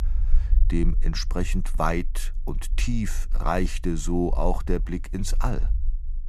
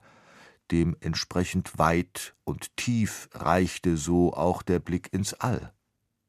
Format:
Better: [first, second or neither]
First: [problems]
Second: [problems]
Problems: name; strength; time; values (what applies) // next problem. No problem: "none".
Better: second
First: low rumble; faint; throughout; 25 dB below the speech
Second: none